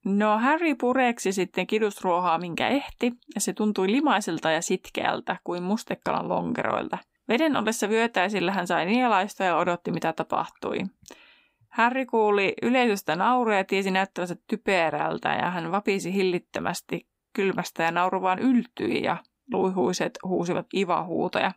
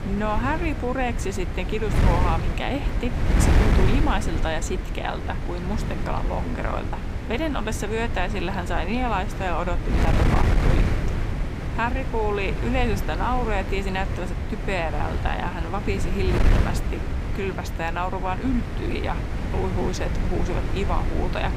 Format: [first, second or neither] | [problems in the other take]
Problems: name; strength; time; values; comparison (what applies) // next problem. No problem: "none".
first | wind noise on the microphone; heavy; 5 dB below the speech